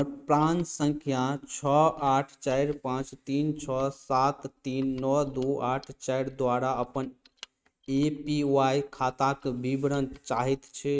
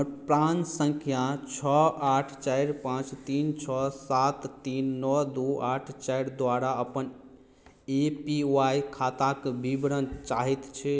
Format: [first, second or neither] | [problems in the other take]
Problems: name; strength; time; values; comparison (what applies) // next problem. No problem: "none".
second | noise reduction (neural mask model RNNoise)